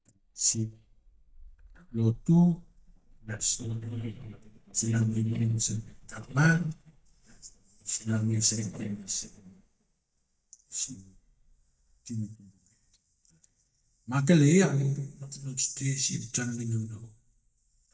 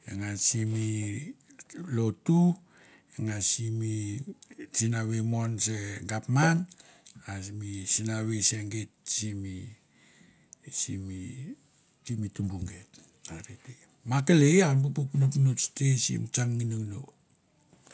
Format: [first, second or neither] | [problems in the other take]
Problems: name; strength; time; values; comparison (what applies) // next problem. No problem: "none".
second | noise reduction (neural mask model DeepFilterNet 3)